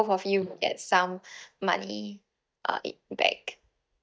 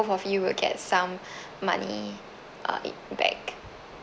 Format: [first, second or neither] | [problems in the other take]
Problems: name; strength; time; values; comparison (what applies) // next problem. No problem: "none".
second | noise reduction (neural mask model DeepFilterNet 3)